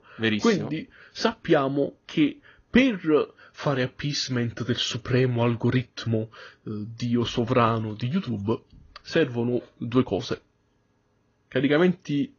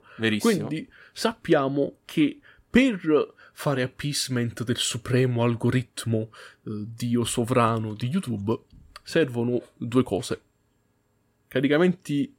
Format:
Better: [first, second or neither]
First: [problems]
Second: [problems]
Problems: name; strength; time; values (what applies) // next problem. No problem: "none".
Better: second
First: garbled, watery; slightly; nothing above 6.5 kHz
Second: none